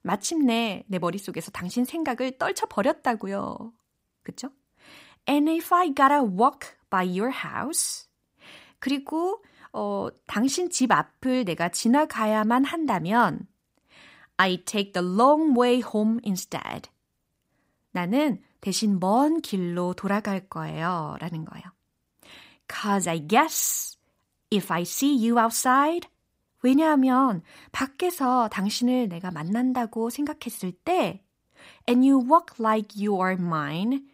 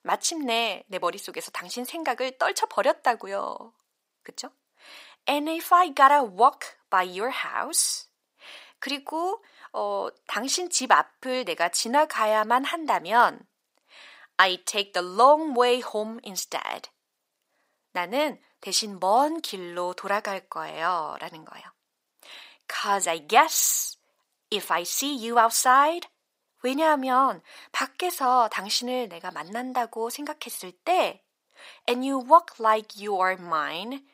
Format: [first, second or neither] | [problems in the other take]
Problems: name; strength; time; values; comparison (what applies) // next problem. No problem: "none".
first | thin; somewhat; fading below 600 Hz